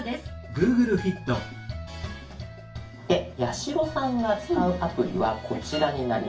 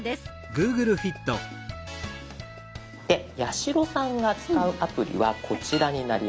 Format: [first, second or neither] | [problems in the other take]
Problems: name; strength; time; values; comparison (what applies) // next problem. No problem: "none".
second | room echo; dies away in 0.3 s